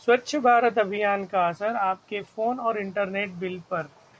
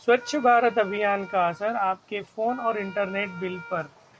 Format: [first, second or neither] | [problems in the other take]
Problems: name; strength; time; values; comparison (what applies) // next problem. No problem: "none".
first | background sound (Wind instrument, woodwind instrument); 18 dB below the speech